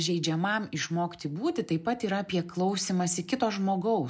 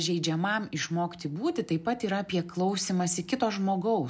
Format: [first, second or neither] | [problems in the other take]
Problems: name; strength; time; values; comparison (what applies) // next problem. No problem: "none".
second | noise reduction (neural mask model Resemble Enhance denoiser)